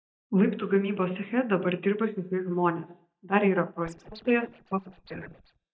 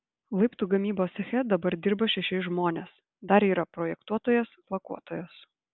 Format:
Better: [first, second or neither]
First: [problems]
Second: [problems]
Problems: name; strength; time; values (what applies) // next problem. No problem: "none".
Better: second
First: noise reduction (neural mask model DeepFilterNet 3)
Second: none